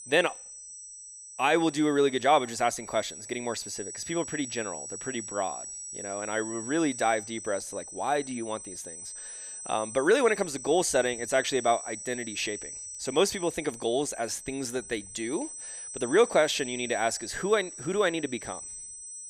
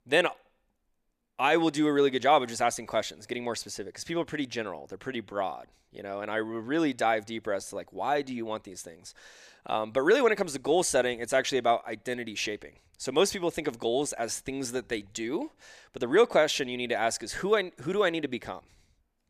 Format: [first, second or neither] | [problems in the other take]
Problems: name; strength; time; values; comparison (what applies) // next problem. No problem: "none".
second | high-pitched whine; noticeable; throughout; 8 kHz, 10 dB below the speech